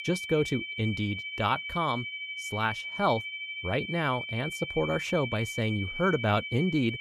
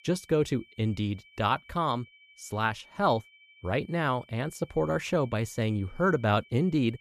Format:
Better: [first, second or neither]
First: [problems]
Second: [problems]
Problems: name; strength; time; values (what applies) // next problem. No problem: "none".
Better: second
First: high-pitched whine; loud; throughout; 2.5 kHz, 5 dB below the speech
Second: high-pitched whine; faint; throughout; 2.5 kHz, 25 dB below the speech